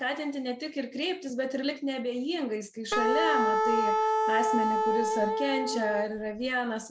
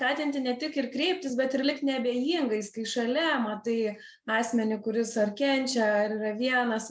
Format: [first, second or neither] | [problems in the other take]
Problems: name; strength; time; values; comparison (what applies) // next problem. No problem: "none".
second | background sound (Wind instrument, woodwind instrument); 4 dB above the speech